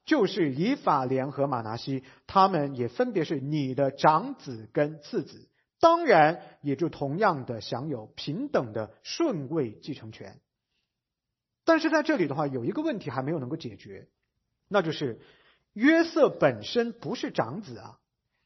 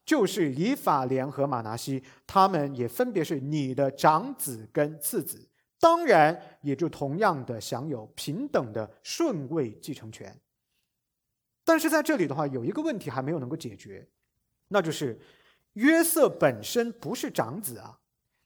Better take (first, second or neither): second